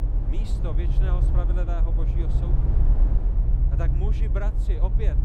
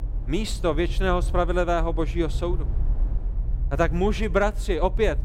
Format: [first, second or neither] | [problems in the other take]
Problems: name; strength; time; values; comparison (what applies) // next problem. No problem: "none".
second | low rumble; loud; throughout; 2 dB below the speech; faint in the second